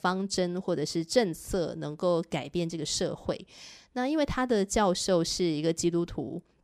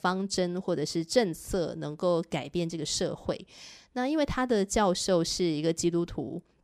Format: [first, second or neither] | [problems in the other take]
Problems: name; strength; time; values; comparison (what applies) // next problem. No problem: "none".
neither | none